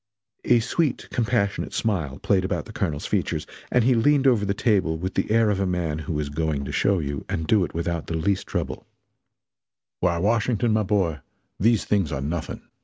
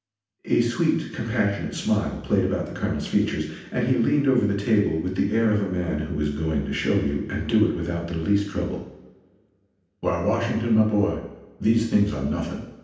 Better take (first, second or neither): first